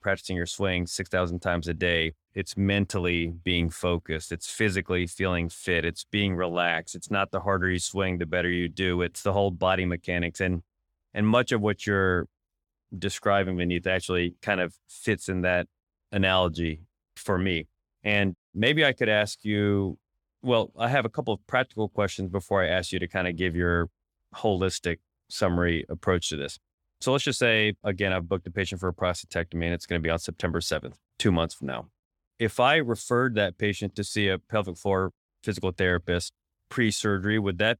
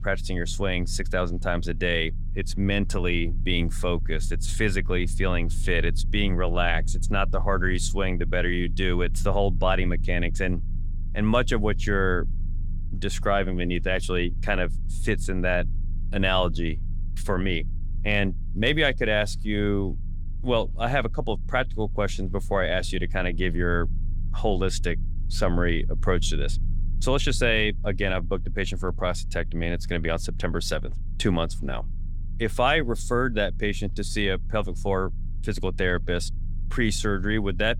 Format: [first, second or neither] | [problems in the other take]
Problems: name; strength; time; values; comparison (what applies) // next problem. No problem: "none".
first | low rumble; faint; throughout; 25 dB below the speech